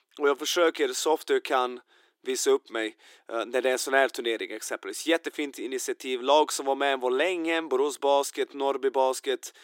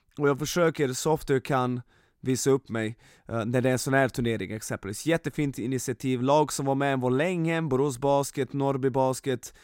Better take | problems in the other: second | thin; somewhat; fading below 350 Hz

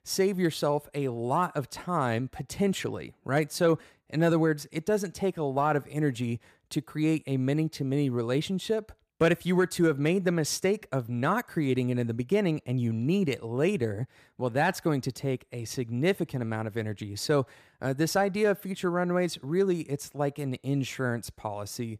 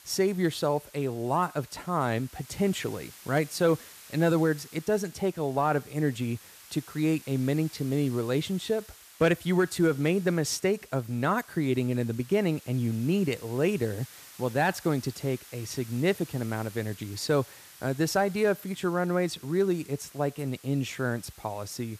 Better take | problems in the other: first | hiss; noticeable; throughout; 20 dB below the speech

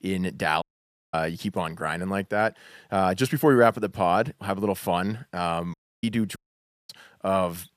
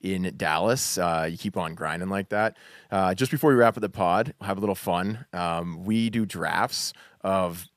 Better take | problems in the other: second | audio cutting out; at 0.5 s for 0.5 s, at 5.5 s and at 6.5 s for 0.5 s

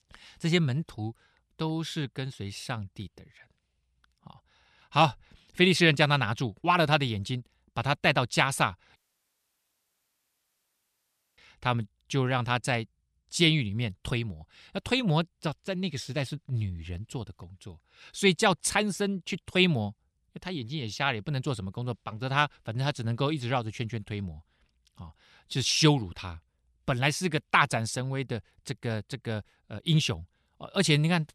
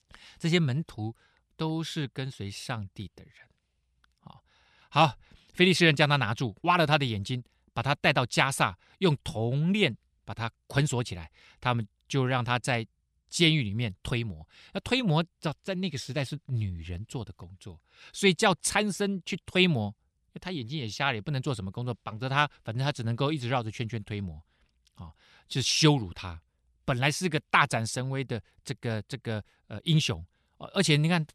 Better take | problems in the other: second | audio cutting out; at 9 s for 2.5 s

